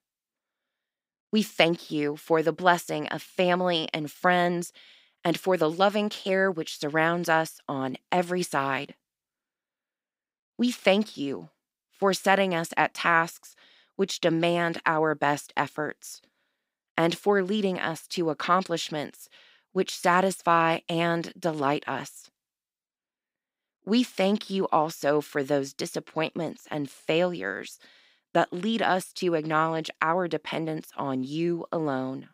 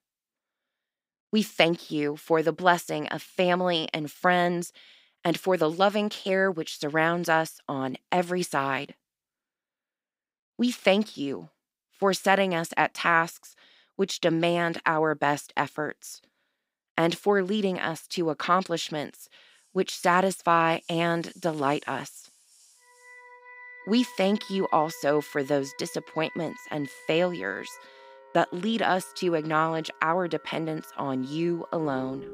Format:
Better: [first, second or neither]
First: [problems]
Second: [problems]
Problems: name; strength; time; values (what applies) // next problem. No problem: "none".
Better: first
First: none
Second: background music; faint; from 19 s on; 20 dB below the speech